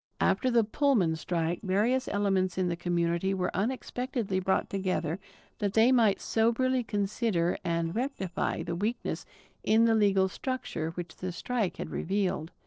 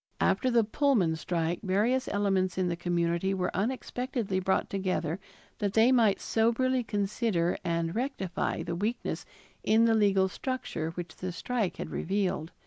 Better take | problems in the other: second | noise reduction (neural separator model SepFormer DNS4)

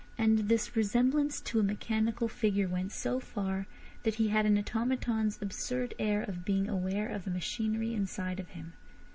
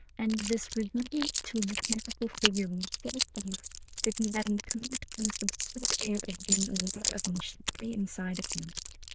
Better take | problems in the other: first | noise reduction (neural diffusion model UNIVERSE++)

